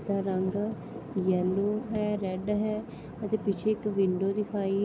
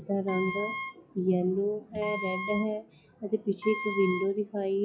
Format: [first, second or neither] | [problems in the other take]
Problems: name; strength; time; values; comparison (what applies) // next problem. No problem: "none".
first | noise reduction (classical method log-MMSE)